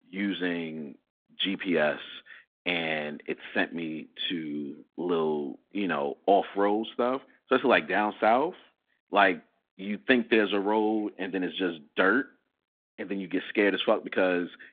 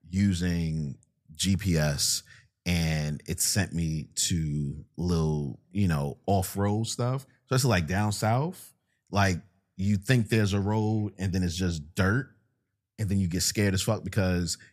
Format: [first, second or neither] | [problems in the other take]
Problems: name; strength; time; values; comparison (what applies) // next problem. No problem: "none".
second | phone-call audio; nothing above 3.5 kHz